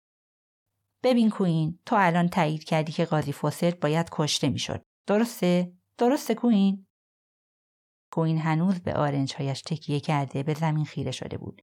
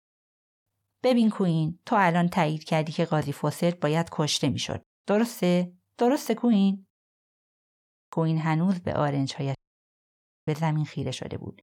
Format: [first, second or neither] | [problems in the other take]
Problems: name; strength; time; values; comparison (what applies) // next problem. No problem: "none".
first | audio cutting out; at 9.5 s for 1 s